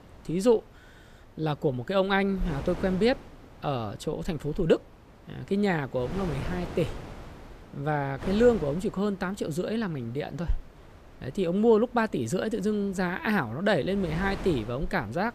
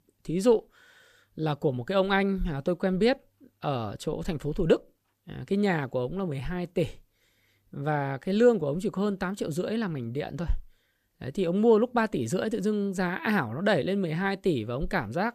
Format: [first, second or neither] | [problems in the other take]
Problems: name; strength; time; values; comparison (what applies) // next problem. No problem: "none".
second | wind noise on the microphone; occasional gusts; 15 dB below the speech